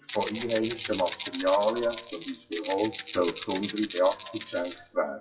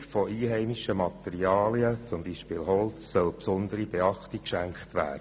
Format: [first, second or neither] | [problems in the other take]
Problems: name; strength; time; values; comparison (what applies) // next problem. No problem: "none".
second | noise reduction (classical method WPE with log-MMSE)